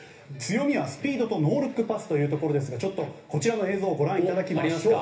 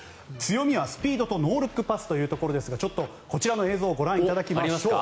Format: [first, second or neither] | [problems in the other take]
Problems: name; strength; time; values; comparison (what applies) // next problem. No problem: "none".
second | room echo; dies away in 0.3 s